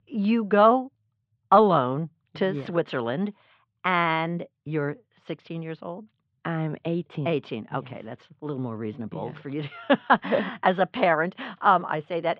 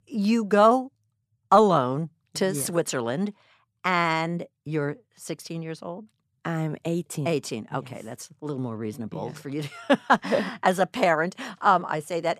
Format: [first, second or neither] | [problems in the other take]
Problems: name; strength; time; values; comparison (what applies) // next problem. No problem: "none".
second | muffled; very; fading above 3.5 kHz